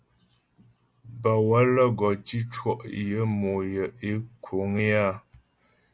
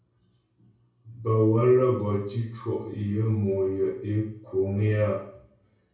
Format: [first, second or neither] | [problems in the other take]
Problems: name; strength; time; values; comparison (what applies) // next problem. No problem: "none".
first | room echo; dies away in 0.6 s